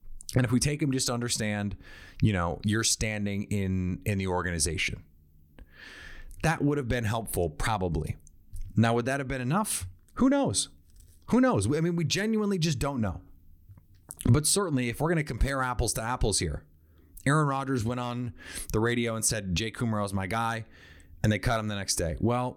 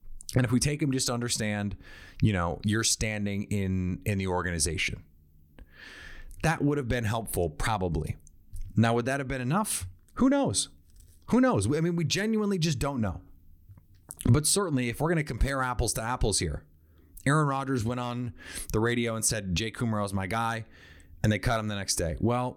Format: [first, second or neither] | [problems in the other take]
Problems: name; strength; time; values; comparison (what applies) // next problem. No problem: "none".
neither | none